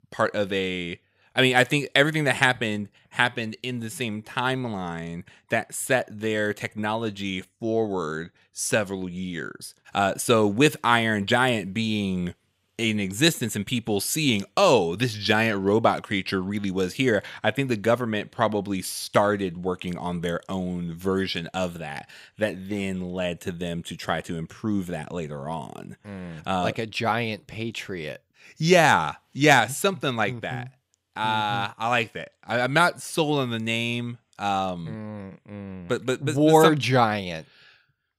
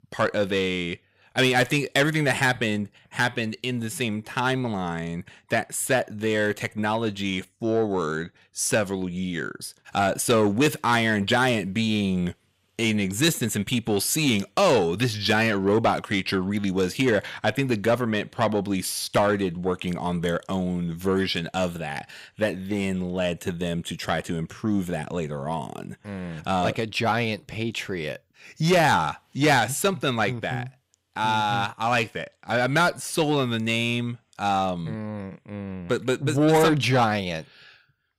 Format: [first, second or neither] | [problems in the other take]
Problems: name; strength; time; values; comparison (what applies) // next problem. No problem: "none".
first | distortion; slight; 10 dB below the speech